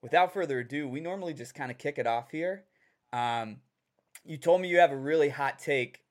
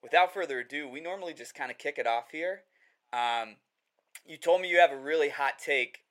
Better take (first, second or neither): first